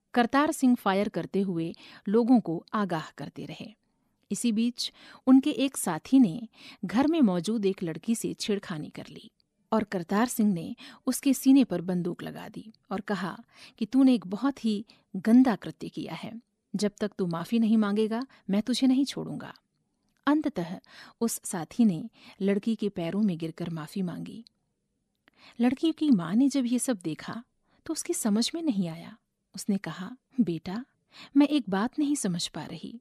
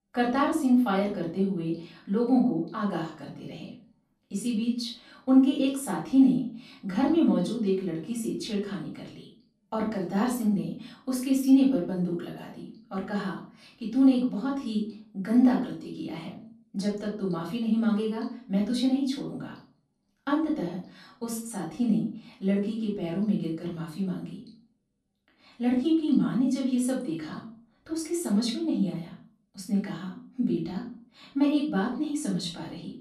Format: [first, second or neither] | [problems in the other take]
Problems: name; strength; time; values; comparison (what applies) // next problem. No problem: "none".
first | off-mic speech; far // room echo; noticeable; dies away in 0.4 s